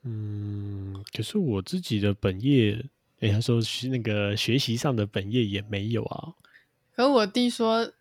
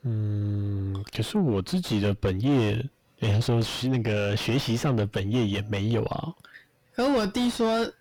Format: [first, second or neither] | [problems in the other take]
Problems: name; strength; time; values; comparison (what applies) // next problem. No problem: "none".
first | distortion; heavy; 5 dB below the speech